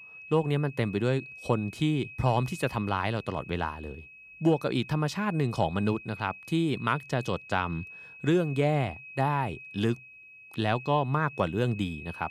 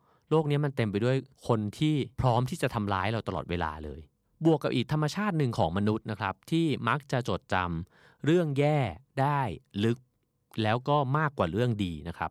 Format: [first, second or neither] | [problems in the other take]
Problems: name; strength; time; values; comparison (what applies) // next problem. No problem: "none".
second | high-pitched whine; noticeable; throughout; 2.5 kHz, 15 dB below the speech